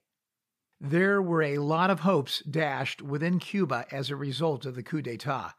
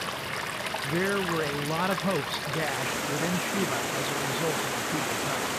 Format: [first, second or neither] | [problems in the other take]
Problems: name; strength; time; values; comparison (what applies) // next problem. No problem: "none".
first | rain or running water; very loud; throughout; 3 dB above the speech